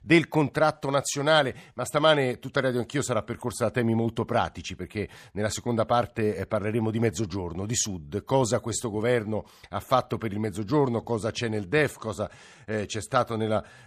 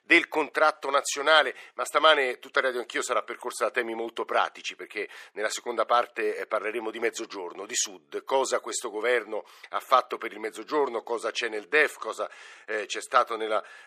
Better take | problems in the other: first | thin; very; fading below 400 Hz

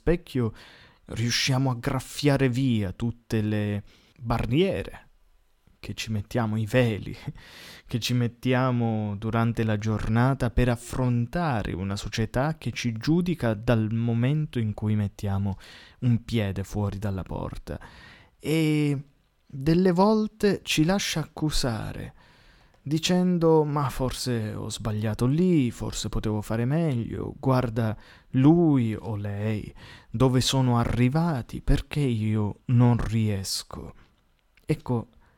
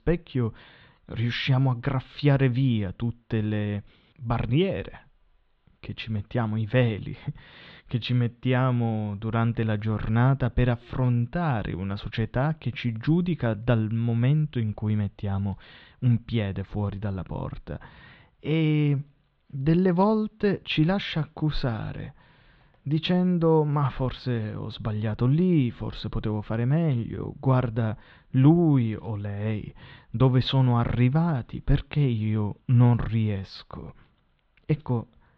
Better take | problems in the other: first | muffled; slightly; fading above 3.5 kHz

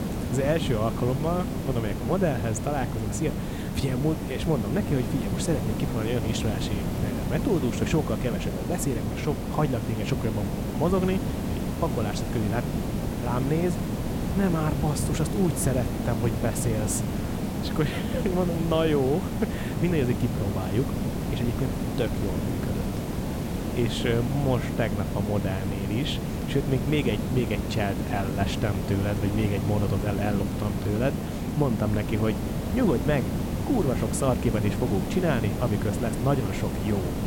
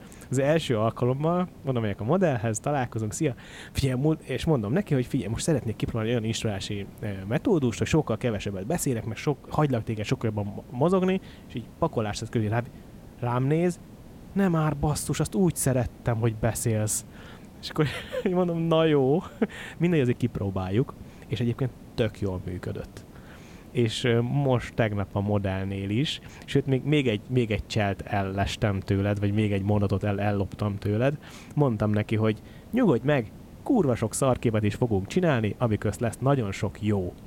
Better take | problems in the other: second | hiss; loud; throughout; 2 dB below the speech; faint in the second

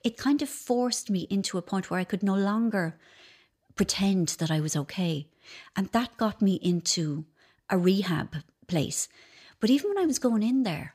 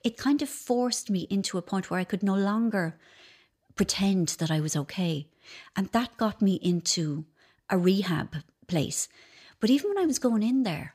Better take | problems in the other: neither | none

